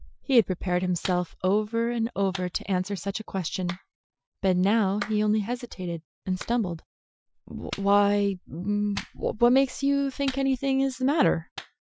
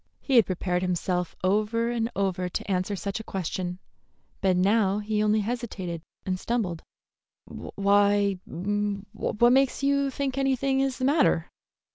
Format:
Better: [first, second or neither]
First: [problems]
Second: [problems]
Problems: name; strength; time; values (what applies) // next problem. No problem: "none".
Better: second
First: noise reduction (classical method Wiener filter)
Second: none